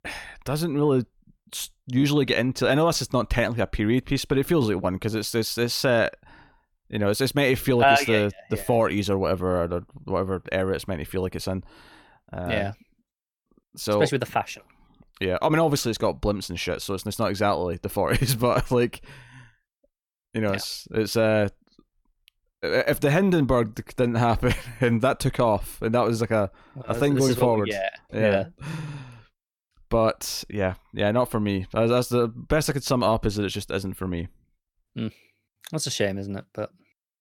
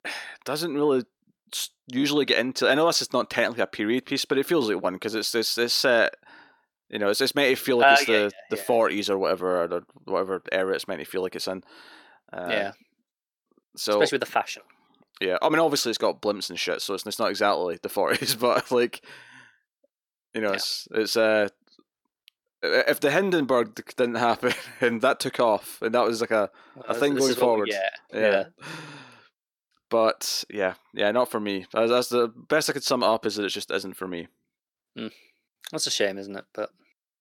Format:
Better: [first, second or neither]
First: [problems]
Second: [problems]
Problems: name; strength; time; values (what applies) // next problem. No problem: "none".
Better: first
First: none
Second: thin; very slightly; fading below 350 Hz